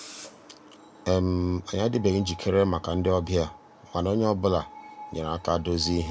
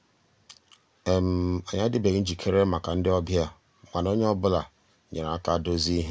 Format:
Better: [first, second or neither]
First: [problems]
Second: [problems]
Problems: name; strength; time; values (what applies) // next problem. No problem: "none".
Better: second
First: background sound (Screech); 20 dB below the speech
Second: none